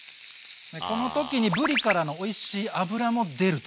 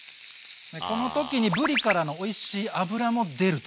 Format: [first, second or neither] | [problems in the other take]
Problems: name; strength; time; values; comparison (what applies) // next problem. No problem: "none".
second | background sound (Finger snapping); 14 dB below the speech